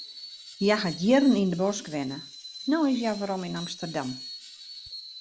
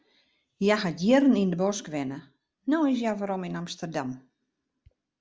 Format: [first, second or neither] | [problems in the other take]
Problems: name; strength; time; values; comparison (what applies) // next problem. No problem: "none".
second | background sound (Screech); 15 dB below the speech